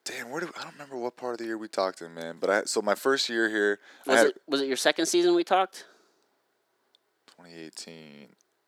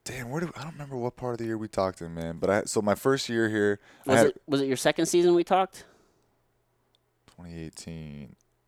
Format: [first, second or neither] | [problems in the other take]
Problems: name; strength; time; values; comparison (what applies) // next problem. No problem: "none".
second | thin; very slightly; fading below 250 Hz